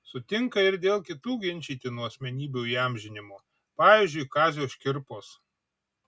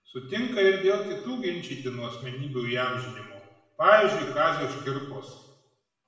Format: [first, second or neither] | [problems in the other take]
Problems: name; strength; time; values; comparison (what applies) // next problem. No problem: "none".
first | room echo; dies away in 0.9 s